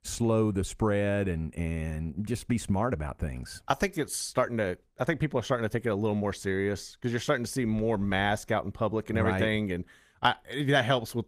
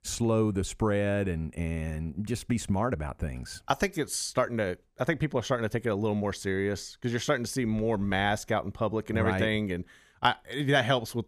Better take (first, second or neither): second